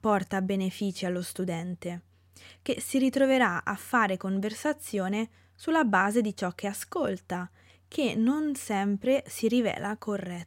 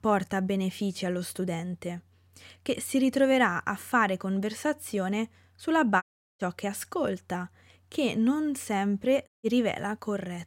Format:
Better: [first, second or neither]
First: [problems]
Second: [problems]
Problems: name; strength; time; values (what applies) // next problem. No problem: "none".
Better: first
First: none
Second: audio cutting out; at 6 s and at 9.5 s